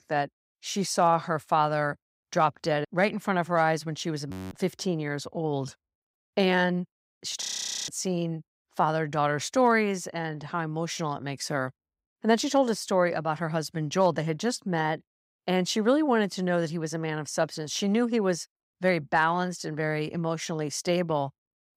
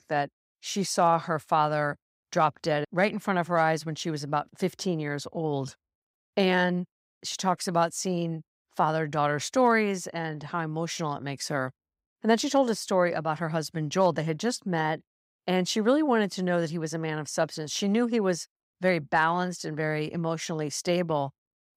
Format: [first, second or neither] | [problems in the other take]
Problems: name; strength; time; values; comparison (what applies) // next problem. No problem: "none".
second | audio freezing; at 4.5 s and at 7.5 s